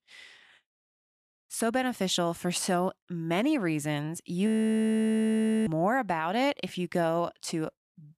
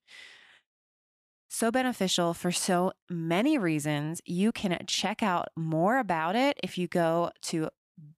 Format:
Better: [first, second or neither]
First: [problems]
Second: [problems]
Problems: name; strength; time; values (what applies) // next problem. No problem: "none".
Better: second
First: audio freezing; at 4.5 s for 1 s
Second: none